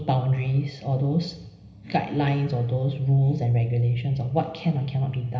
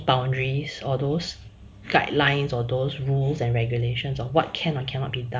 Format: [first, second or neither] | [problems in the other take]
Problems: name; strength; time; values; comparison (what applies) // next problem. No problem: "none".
second | room echo; dies away in 0.9 s